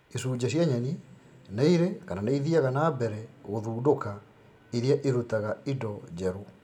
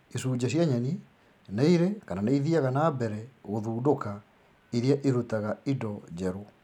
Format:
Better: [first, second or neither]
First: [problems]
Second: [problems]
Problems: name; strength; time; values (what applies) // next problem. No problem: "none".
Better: second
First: room echo; dies away in 2.1 s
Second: none